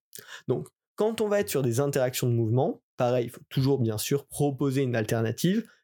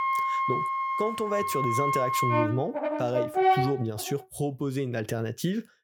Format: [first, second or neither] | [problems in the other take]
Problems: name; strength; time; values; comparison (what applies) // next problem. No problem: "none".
first | background music; very loud; until 4 s; 3 dB above the speech